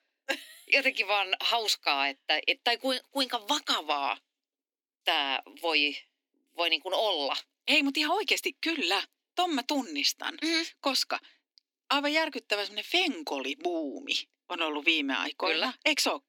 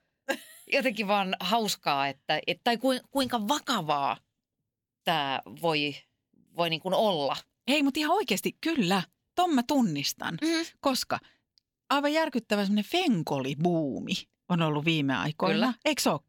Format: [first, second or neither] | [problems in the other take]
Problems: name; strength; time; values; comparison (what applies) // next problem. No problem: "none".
second | thin; very slightly; fading below 250 Hz